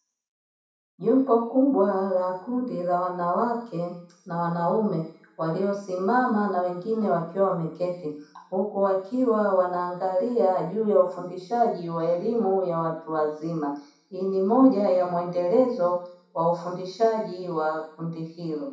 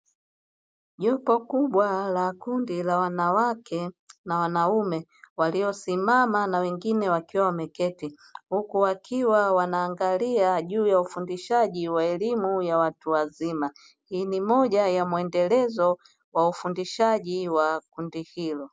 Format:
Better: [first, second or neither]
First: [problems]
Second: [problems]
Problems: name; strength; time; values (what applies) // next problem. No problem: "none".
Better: second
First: room echo; dies away in 0.6 s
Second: none